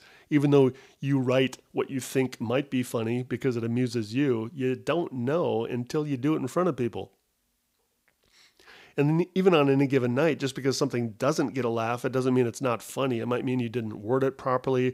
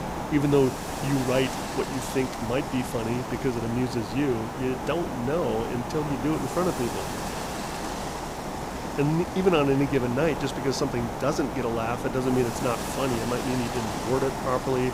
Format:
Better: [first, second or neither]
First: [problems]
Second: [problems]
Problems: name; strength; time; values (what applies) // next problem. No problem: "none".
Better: first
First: none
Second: hiss; loud; throughout; 5 dB below the speech